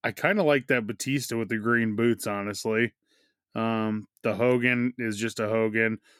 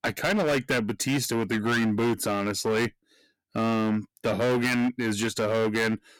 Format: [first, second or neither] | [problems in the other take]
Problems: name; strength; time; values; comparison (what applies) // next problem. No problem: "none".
first | distortion; heavy; 18% of the sound clipped